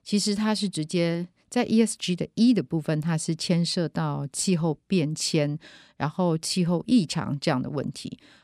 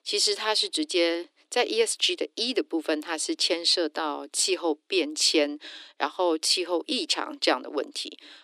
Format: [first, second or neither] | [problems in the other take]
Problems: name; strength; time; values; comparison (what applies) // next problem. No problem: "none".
first | thin; very; fading below 300 Hz